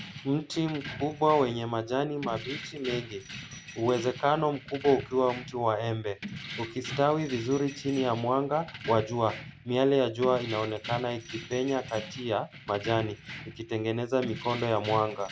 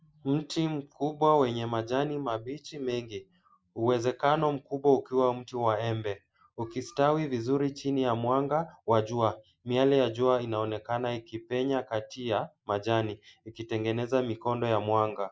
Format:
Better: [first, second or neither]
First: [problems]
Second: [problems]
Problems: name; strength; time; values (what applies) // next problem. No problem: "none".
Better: second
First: background sound (Keys jangling); 13 dB below the speech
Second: none